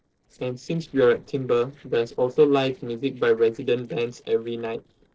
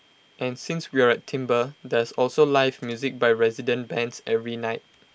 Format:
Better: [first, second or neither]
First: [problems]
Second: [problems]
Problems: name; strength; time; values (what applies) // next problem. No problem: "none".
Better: second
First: noise reduction (neural separator model SepFormer DNS4)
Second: none